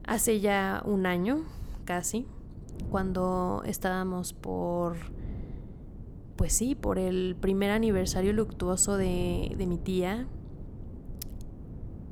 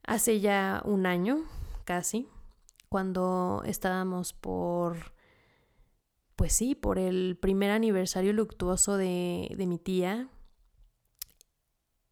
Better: second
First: wind noise on the microphone; occasional gusts; 20 dB below the speech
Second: none

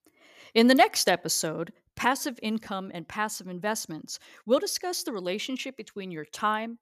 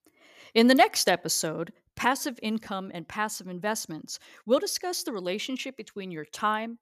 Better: neither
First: none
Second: none

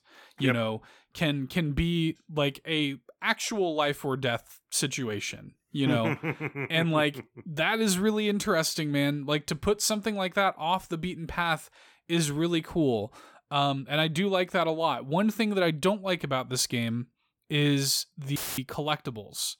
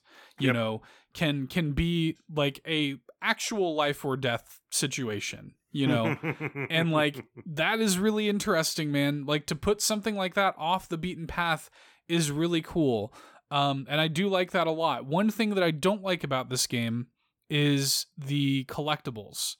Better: second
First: audio cutting out; filled with static; at 18 s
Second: none

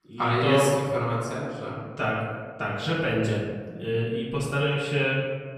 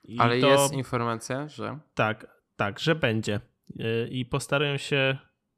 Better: second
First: room echo; noticeable; dies away in 1.4 s // off-mic speech; far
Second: none

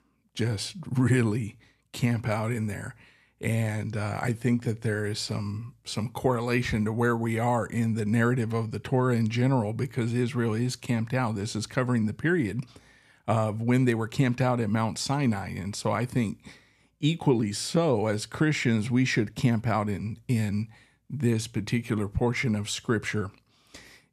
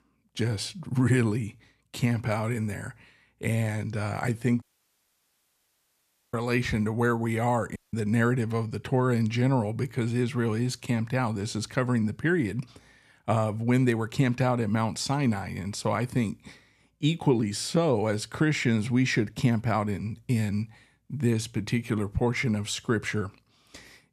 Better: first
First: none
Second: audio cutting out; at 4.5 s for 1.5 s and at 8 s

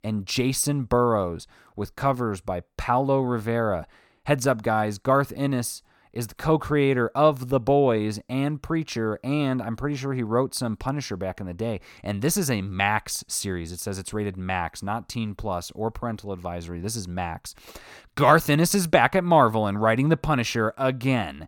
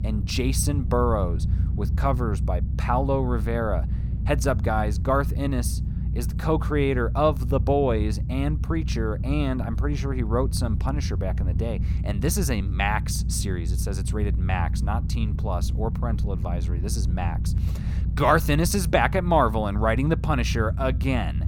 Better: first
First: none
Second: low rumble; noticeable; throughout; 15 dB below the speech

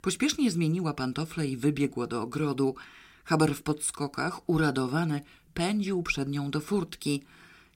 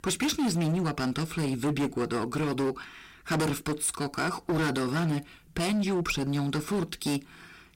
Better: first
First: none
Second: distortion; heavy; 18% of the sound clipped

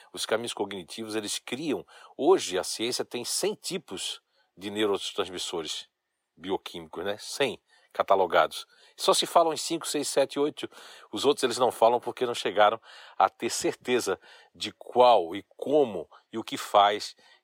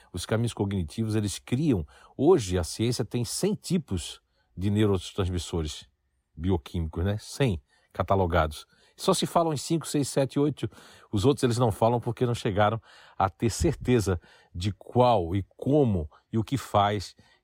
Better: second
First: thin; very; fading below 500 Hz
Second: none

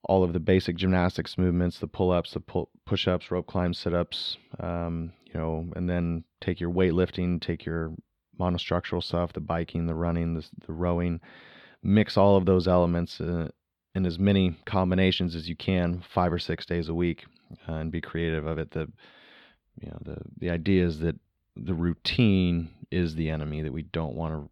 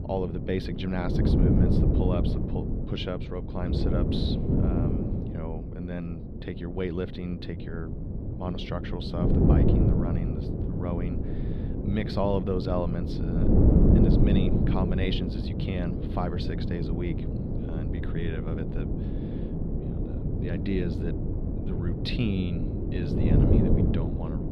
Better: first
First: none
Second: wind noise on the microphone; heavy; 1 dB above the speech

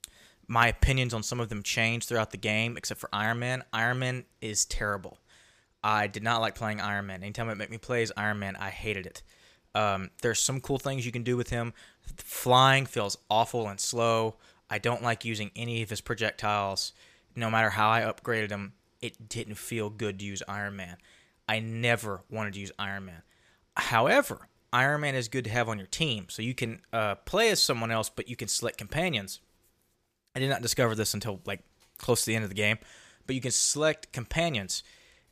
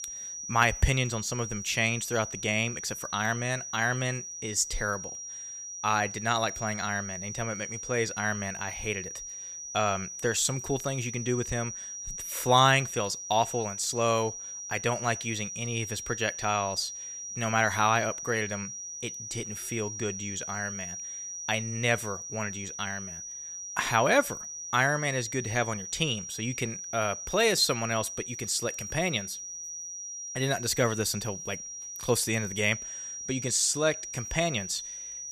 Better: first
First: none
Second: high-pitched whine; loud; throughout; 6 kHz, 7 dB below the speech

